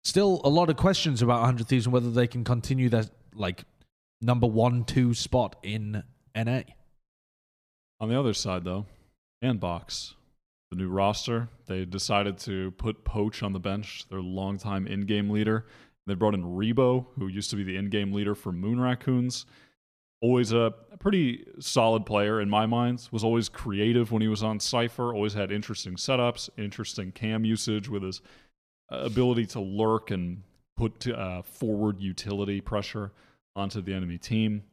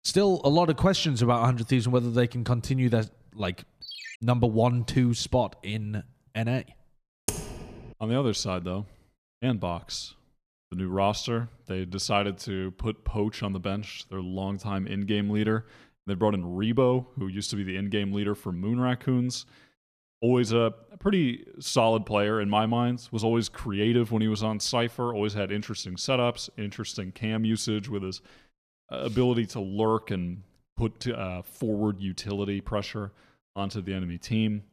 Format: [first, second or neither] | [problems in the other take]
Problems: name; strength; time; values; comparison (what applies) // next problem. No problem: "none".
first | phone ringing; faint; at 4 s; peak 10 dB below the speech // keyboard typing; noticeable; at 7.5 s; peak 4 dB below the speech